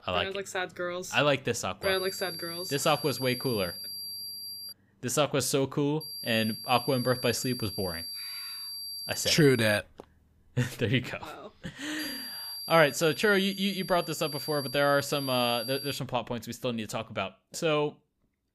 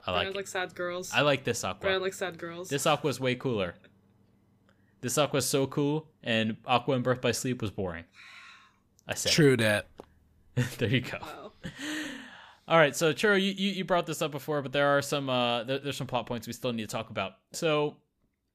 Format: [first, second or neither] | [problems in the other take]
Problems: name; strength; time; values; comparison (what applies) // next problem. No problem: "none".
second | high-pitched whine; loud; from 2 to 4.5 s, from 6 to 10 s and from 12 to 16 s; 4.5 kHz, 8 dB below the speech